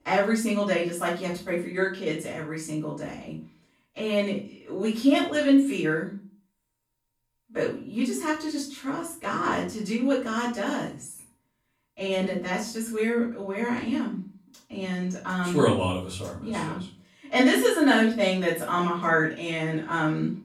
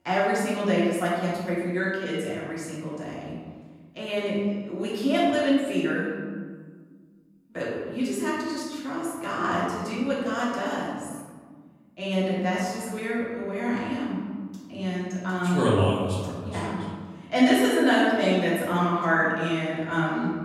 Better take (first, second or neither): first